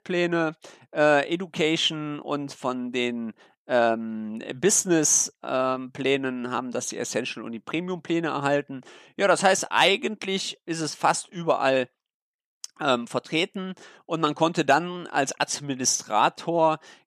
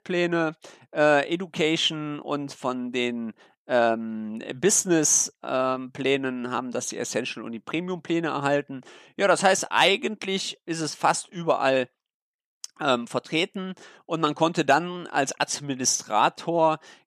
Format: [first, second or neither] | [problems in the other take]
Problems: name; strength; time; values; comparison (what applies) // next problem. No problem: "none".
neither | none